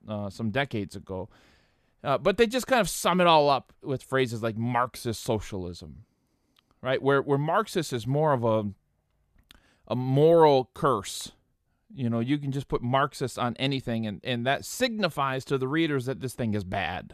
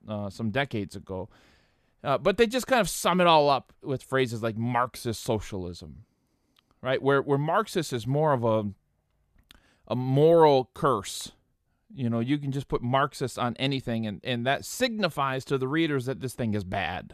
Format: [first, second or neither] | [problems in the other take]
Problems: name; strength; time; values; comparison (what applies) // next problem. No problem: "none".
neither | none